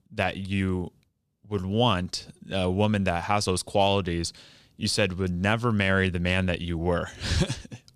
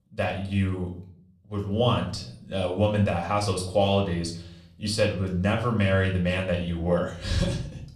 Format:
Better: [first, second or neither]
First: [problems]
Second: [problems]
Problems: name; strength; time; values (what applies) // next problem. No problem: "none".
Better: first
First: none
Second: off-mic speech; somewhat distant // room echo; slight; dies away in 0.5 s